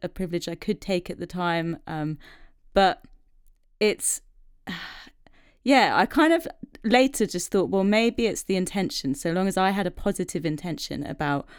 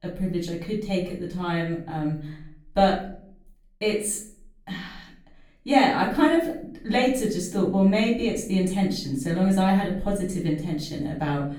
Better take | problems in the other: first | off-mic speech; far // room echo; noticeable; dies away in 0.6 s

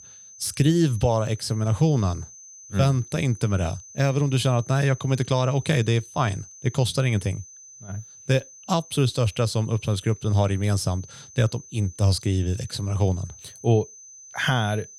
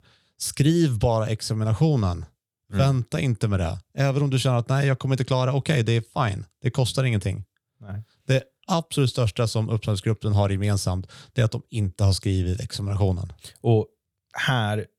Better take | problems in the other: second | high-pitched whine; noticeable; throughout; 6 kHz, 20 dB below the speech

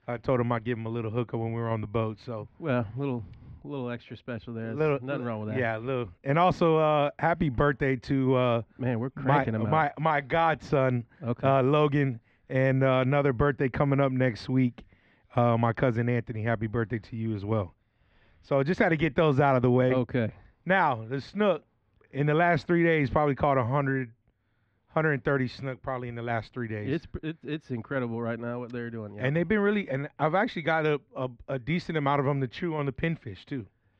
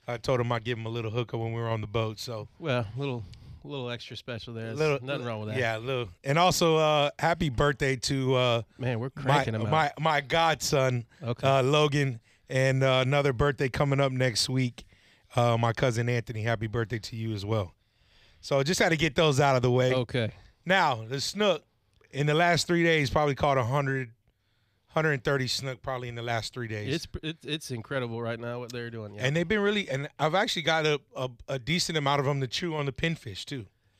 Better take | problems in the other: second | muffled; very; fading above 1.5 kHz

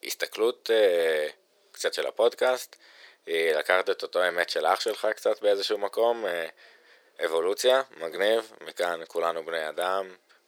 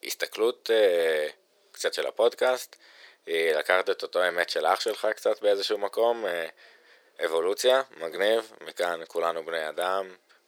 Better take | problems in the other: neither | thin; very; fading below 450 Hz; the same in both

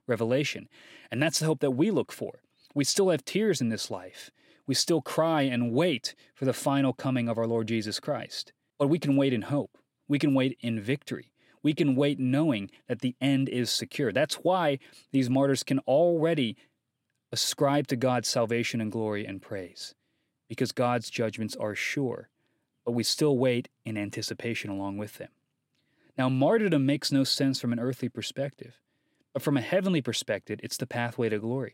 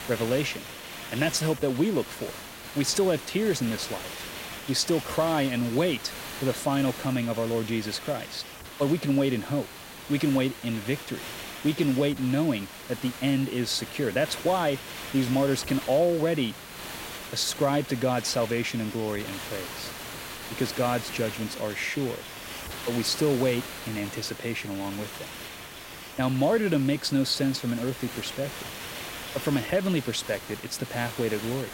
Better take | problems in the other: first | hiss; noticeable; throughout; 10 dB below the speech

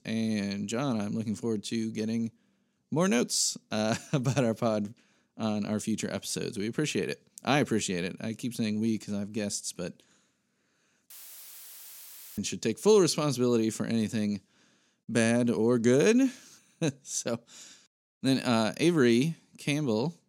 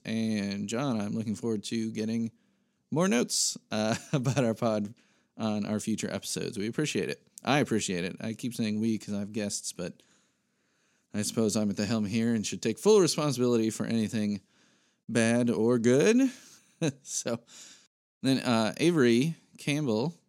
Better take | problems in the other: second | audio cutting out; filled with static; at 11 s for 1.5 s

